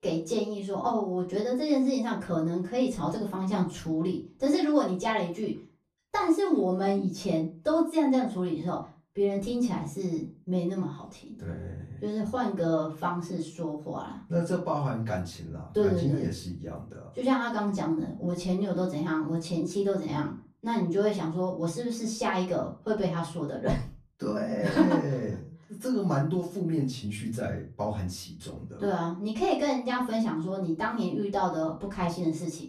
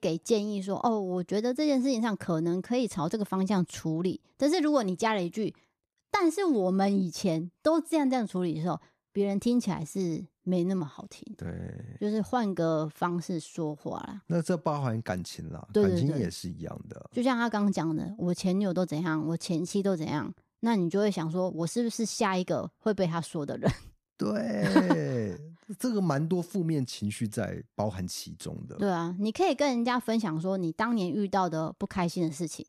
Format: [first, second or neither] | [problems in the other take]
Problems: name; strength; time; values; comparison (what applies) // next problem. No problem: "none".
second | off-mic speech; far // room echo; slight; dies away in 0.3 s